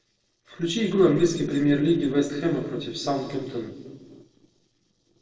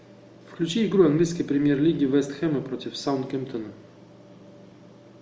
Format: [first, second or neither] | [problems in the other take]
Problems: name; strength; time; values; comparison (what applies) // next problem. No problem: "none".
second | noise reduction (neural separator model SepFormer DNS4)